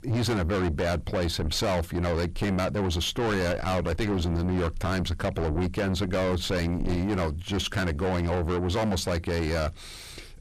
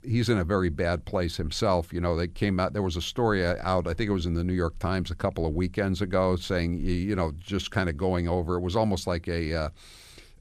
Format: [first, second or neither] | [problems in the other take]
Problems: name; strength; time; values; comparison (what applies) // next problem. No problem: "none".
second | distortion; heavy; 6 dB below the speech